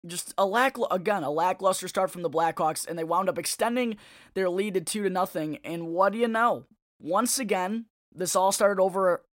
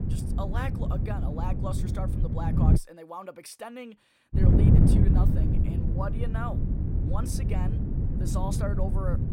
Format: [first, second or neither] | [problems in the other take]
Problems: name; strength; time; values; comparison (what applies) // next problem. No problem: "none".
first | wind noise on the microphone; heavy; until 3 s and from 4.5 s on; 1 dB above the speech